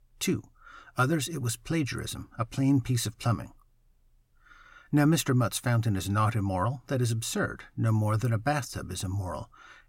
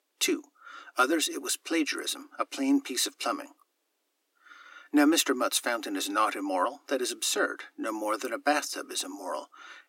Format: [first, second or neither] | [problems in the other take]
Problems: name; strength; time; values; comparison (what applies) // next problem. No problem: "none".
first | thin; somewhat; fading below 300 Hz